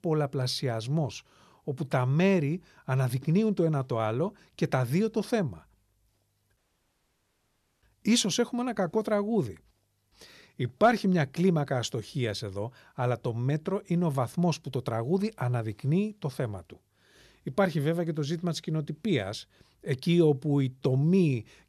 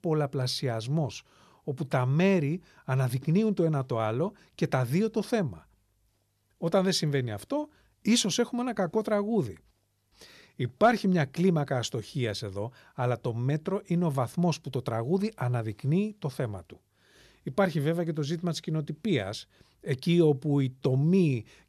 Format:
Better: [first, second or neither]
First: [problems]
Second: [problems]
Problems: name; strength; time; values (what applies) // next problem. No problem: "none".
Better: second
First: audio cutting out; at 6.5 s for 1.5 s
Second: none